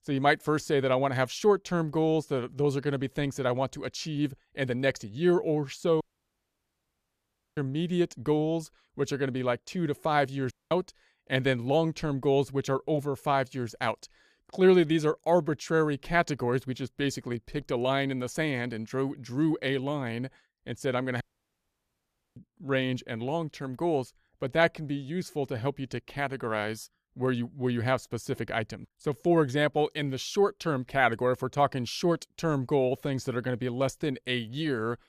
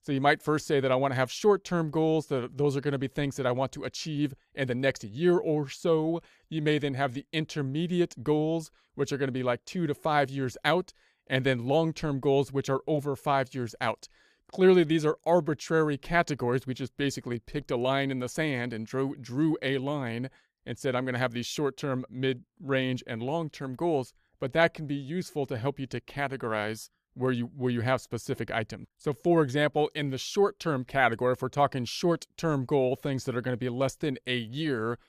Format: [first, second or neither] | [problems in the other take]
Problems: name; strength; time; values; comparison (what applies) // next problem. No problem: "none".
second | audio cutting out; at 6 s for 1.5 s, at 11 s and at 21 s for 1 s